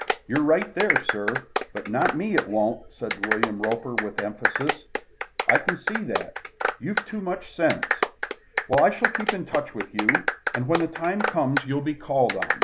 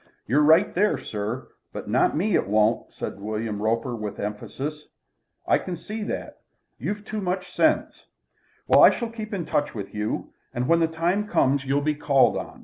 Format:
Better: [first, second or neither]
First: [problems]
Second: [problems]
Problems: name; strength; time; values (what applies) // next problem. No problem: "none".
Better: second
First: background sound (Clapping); 1 dB below the speech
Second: none